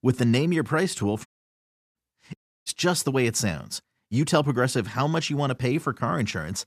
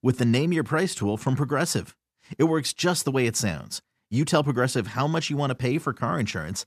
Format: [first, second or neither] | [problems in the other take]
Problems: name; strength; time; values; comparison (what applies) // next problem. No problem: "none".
second | audio cutting out; at 1.5 s for 0.5 s and at 2.5 s